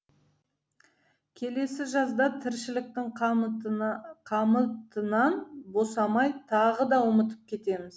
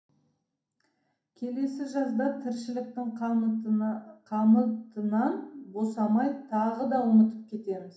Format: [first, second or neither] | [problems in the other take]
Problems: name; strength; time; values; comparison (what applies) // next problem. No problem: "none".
first | room echo; dies away in 0.5 s